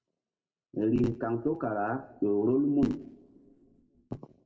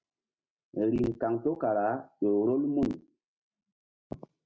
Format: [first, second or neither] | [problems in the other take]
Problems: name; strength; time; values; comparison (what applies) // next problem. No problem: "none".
second | room echo; dies away in 1 s